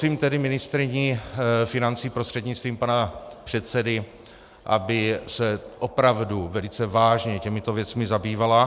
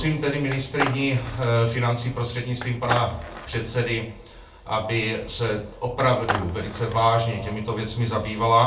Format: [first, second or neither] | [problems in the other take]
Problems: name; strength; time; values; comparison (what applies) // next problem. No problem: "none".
first | background sound (Skateboard); 8 dB below the speech // room echo; dies away in 0.3 s